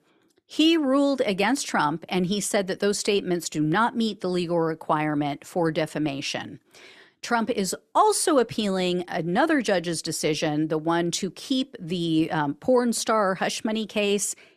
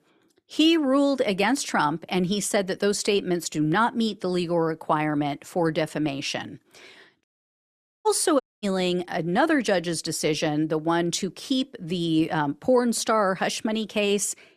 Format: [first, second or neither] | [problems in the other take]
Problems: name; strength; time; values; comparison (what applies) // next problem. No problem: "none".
first | audio cutting out; at 7 s for 1 s and at 8.5 s